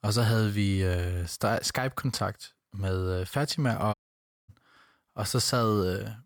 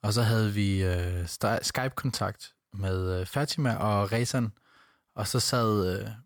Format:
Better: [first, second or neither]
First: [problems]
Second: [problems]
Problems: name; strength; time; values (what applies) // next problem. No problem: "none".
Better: second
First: audio cutting out; at 4 s for 0.5 s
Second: none